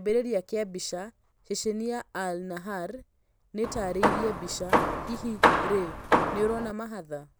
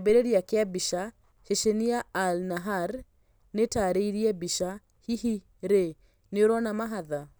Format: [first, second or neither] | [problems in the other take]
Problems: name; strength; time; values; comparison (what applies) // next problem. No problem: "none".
second | background sound (Hammer); 5 dB above the speech